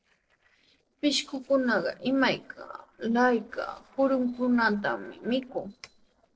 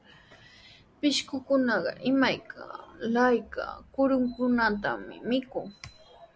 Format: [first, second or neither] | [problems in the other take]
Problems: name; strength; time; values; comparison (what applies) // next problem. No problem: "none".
second | noise reduction (neural separator model SepFormer DNS4)